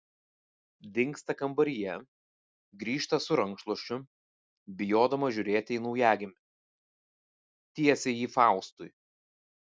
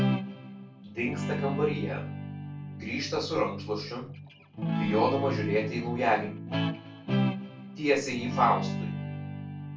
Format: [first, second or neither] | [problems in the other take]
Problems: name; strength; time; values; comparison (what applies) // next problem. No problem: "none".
first | background sound (Guitar); 2 dB below the speech // room echo; dies away in 0.3 s